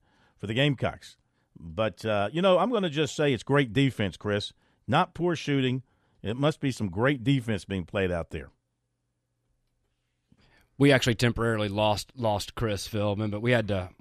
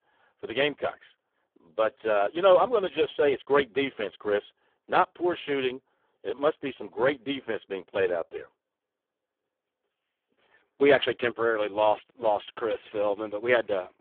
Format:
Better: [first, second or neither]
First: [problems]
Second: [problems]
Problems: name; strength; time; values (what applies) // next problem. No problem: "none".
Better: first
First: none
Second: phone-call audio; poor line; nothing above 3.5 kHz